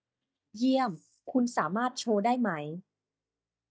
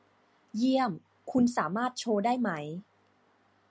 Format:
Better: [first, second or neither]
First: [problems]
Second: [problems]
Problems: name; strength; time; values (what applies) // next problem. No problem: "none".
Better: second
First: noise reduction (neural mask model DeepFilterNet 3)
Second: none